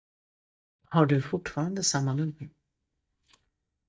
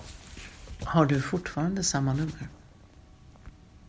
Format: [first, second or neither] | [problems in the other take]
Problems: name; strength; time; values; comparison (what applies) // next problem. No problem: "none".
second | noise reduction (neural mask model DeepFilterNet 3)